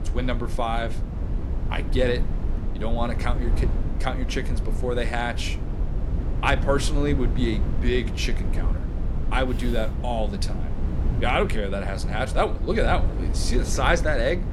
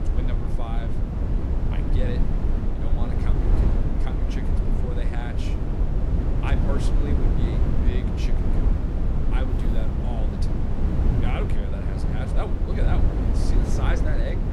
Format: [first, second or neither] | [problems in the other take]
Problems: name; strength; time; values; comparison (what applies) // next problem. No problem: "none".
first | wind noise on the microphone; heavy; 2 dB above the speech; occasional gusts in the first